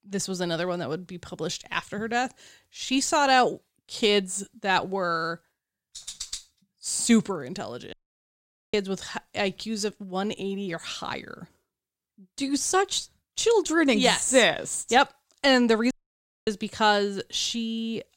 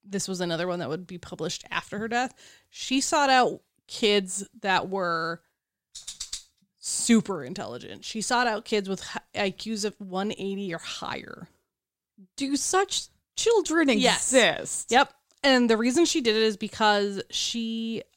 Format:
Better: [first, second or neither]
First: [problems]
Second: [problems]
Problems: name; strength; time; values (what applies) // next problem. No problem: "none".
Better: second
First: audio cutting out; at 8 s for 1 s and at 16 s for 0.5 s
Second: none